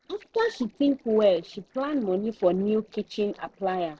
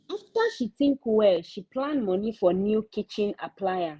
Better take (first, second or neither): second